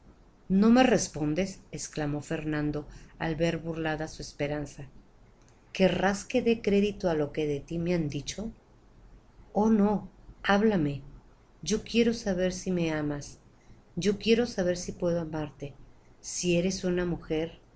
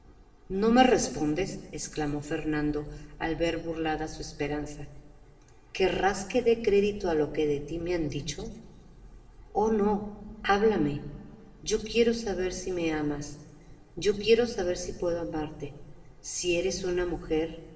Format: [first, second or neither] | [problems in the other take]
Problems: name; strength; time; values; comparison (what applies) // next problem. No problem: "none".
first | room echo; dies away in 2.1 s